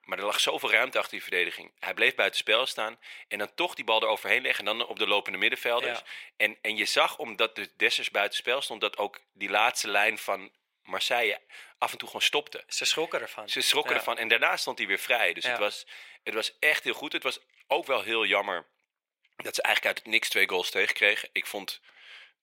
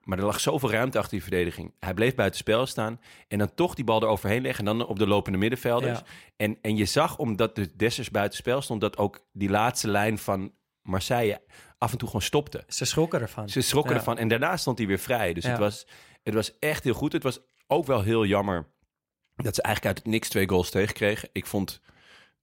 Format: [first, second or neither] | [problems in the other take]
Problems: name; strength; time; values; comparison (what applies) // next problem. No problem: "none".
second | thin; very; fading below 600 Hz